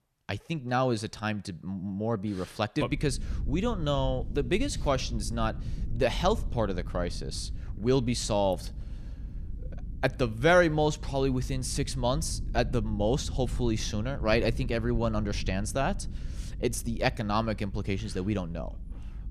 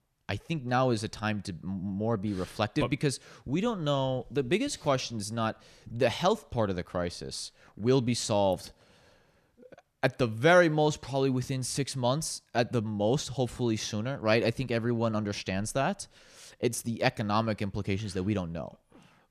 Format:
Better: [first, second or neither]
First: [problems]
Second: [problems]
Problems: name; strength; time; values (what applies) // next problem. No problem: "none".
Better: second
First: low rumble; faint; from 3 s on; 25 dB below the speech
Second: none